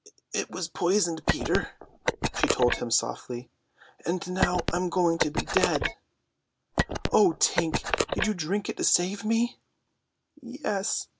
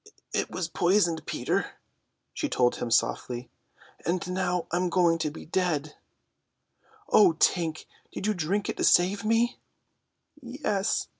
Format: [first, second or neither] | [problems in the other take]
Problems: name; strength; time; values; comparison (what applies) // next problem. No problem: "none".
second | background sound (Telephone); as loud as the speech